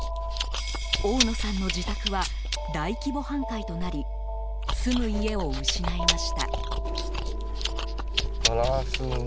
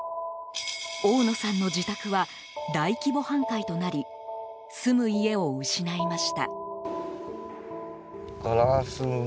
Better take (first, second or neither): second